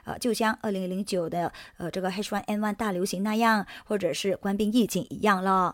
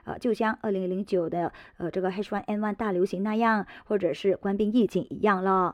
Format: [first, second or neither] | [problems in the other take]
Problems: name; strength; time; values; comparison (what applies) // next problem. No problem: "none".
first | muffled; slightly; fading above 4 kHz